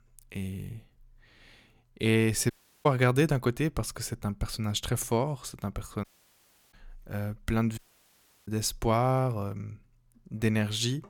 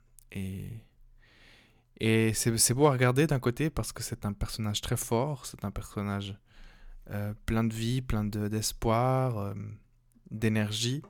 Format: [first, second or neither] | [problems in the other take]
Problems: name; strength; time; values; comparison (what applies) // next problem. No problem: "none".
second | audio cutting out; at 2.5 s, at 6 s for 0.5 s and at 8 s for 0.5 s